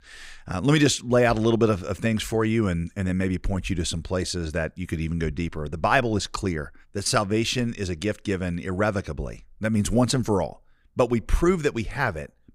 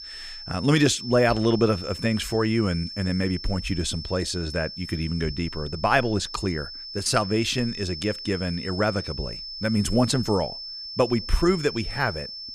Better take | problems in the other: first | high-pitched whine; loud; throughout; 5.5 kHz, 10 dB below the speech

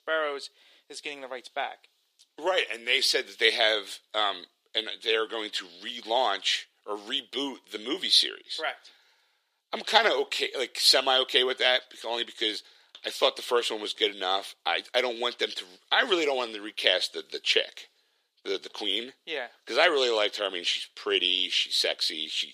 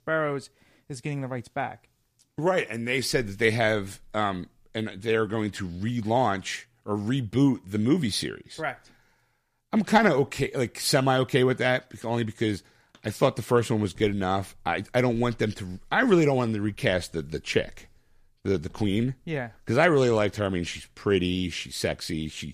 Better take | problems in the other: second | thin; very; fading below 400 Hz

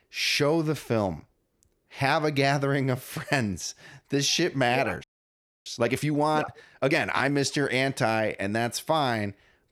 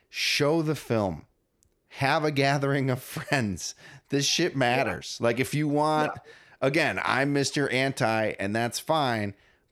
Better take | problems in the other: second | audio freezing; at 5 s for 0.5 s

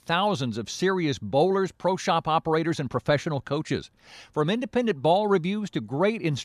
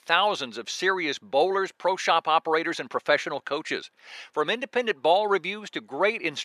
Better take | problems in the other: first | thin; somewhat; fading below 450 Hz

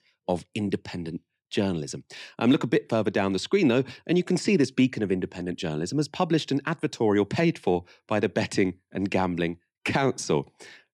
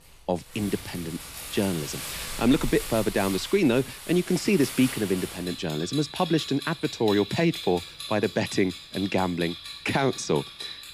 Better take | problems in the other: first | household noises; loud; throughout; 10 dB below the speech

